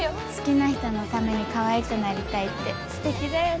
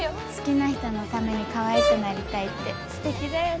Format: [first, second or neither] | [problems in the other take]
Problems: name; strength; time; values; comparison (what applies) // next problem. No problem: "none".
first | background sound (Brass instrument); 1 dB below the speech